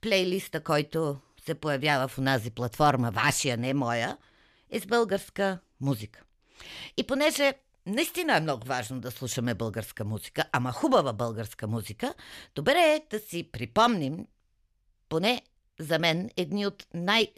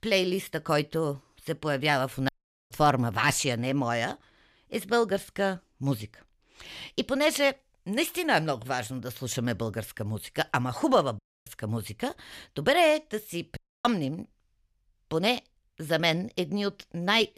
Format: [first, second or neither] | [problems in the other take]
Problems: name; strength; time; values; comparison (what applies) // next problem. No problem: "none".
first | audio cutting out; at 2.5 s, at 11 s and at 14 s